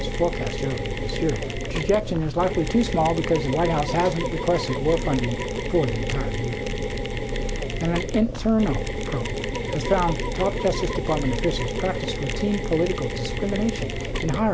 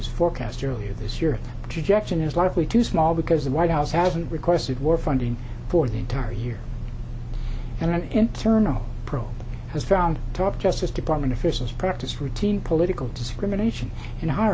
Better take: second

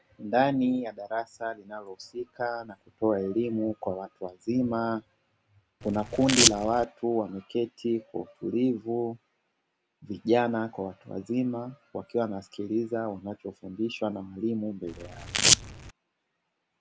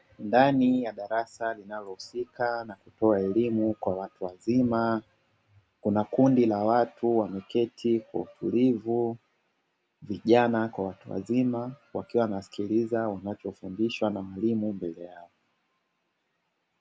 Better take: second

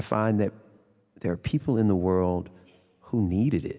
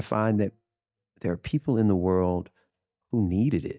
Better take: first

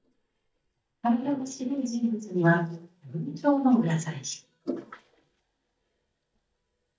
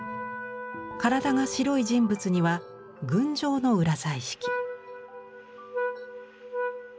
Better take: second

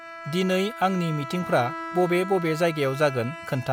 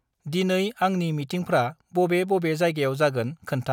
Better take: second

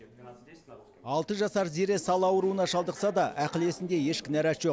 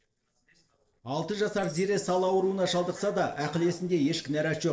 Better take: first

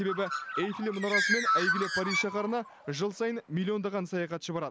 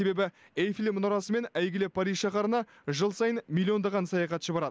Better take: second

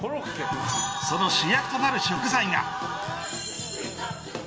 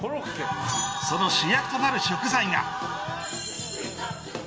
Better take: second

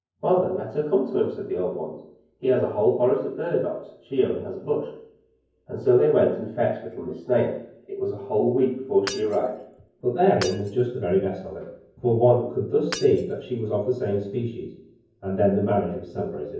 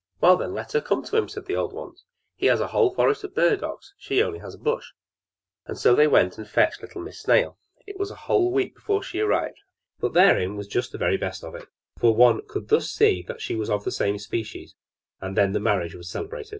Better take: second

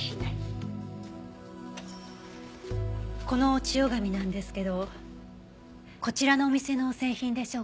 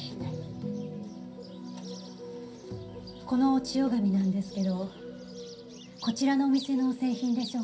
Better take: first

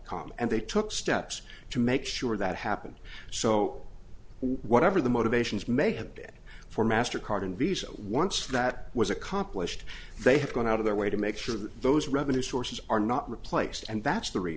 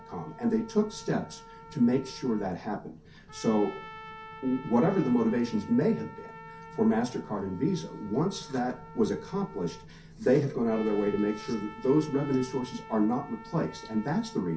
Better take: first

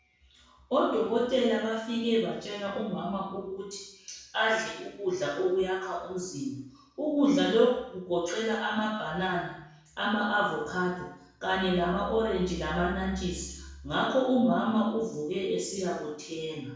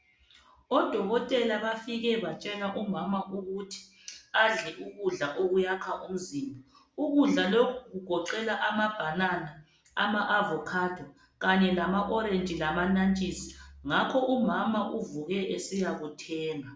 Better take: second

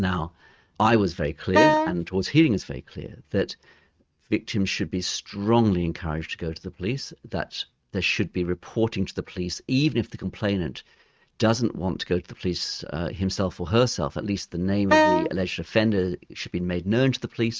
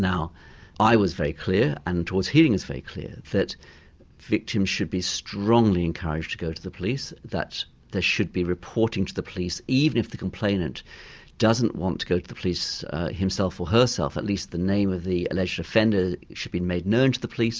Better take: second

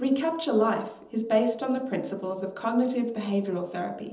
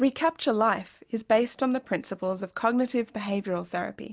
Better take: second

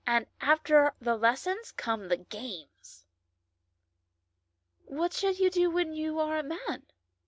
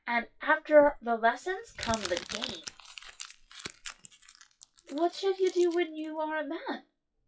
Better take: first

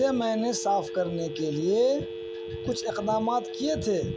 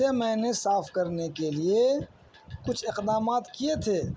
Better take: second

